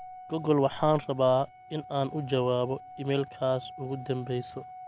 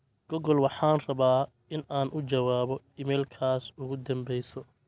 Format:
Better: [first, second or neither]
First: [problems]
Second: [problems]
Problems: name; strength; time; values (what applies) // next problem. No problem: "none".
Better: second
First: background sound (Organ); 16 dB below the speech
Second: none